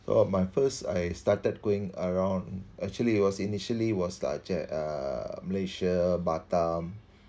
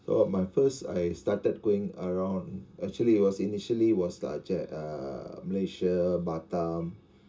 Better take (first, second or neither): first